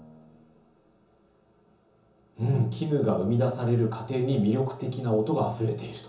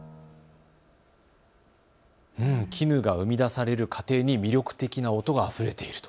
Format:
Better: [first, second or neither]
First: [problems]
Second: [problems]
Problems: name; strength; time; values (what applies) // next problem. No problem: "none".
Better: second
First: room echo; dies away in 0.6 s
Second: none